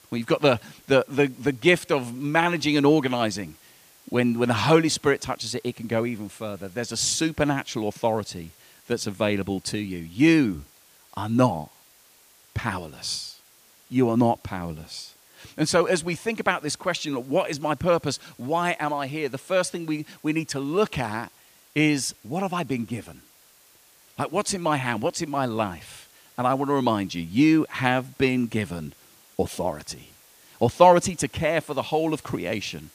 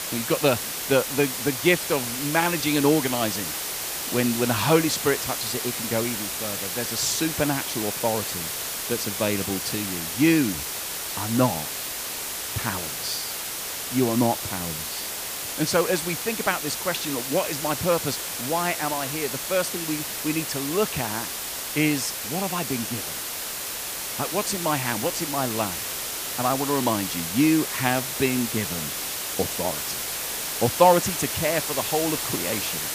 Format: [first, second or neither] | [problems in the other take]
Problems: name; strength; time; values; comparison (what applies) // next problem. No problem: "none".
first | hiss; loud; throughout; 2 dB below the speech; faint in the first